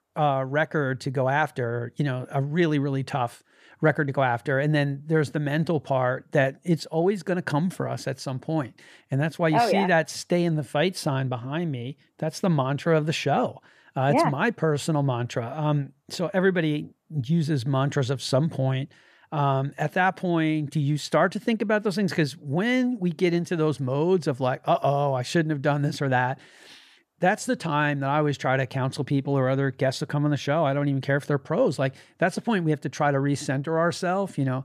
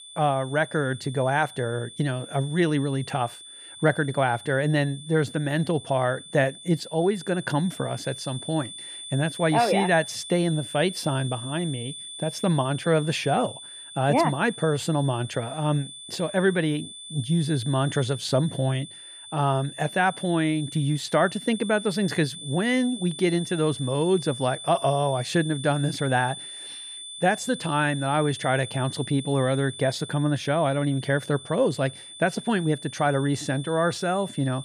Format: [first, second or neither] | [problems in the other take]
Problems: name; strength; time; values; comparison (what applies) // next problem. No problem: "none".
first | high-pitched whine; noticeable; throughout; 3.5 kHz, 10 dB below the speech